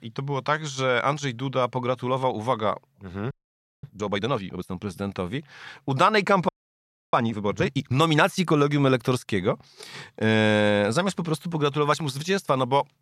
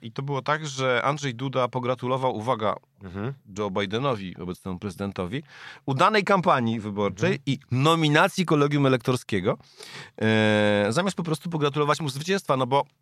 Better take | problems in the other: second | audio freezing; at 3.5 s for 0.5 s and at 6.5 s for 0.5 s

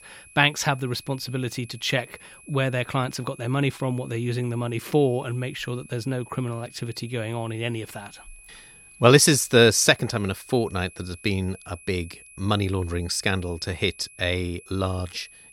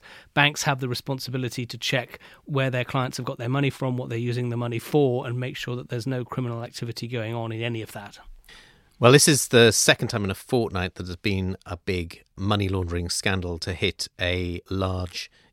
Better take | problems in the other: second | high-pitched whine; faint; throughout; 2.5 kHz, 20 dB below the speech

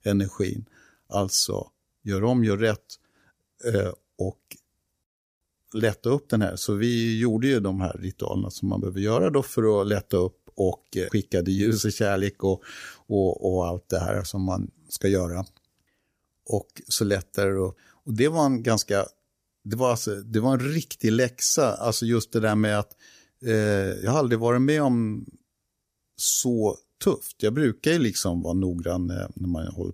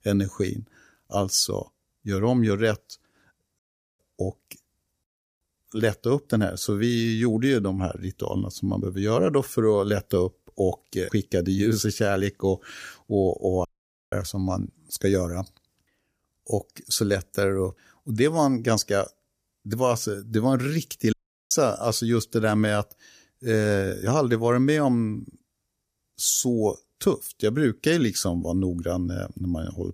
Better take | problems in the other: first | audio cutting out; at 3.5 s, at 14 s and at 21 s

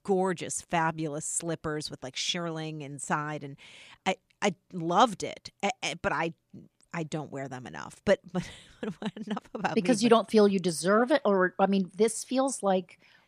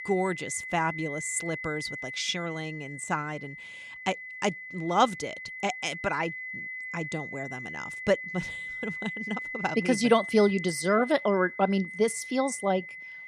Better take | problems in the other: first | high-pitched whine; loud; throughout; 2 kHz, 8 dB below the speech

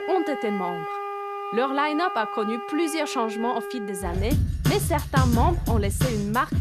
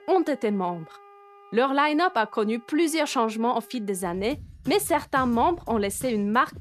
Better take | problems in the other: second | background music; loud; throughout; 2 dB below the speech; faint in the second

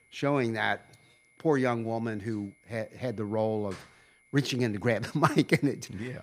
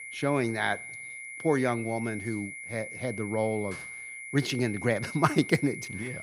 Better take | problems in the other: first | high-pitched whine; loud; throughout; 2 kHz, 9 dB below the speech; faint in the first

